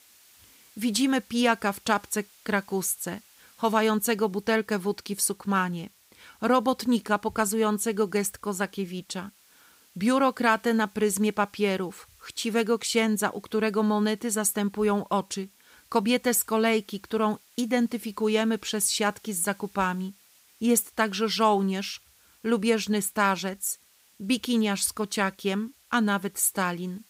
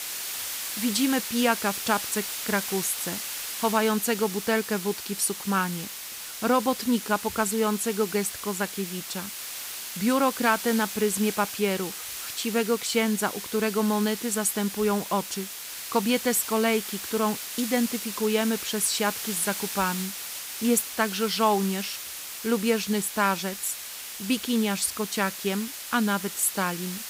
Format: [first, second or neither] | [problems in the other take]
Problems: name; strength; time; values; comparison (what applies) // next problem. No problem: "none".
first | hiss; loud; throughout; 6 dB below the speech; faint in the first